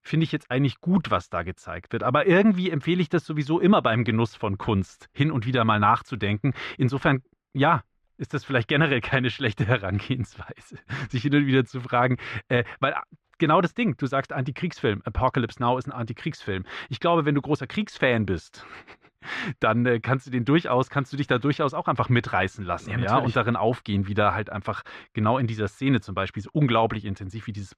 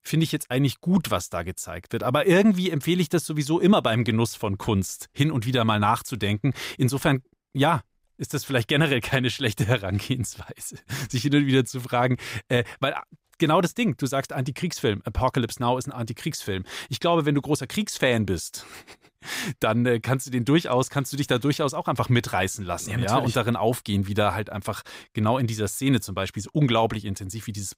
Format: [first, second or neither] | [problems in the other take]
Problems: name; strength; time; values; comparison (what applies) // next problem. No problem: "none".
second | muffled; slightly; fading above 2.5 kHz